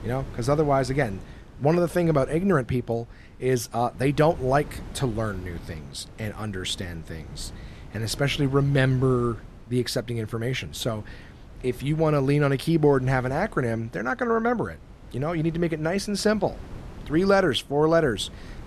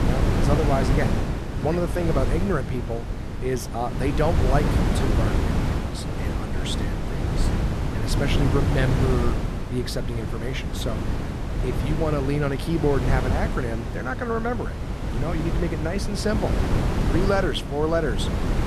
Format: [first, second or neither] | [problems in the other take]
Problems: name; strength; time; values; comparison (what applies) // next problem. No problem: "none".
first | wind noise on the microphone; heavy; 3 dB below the speech; occasional gusts in the first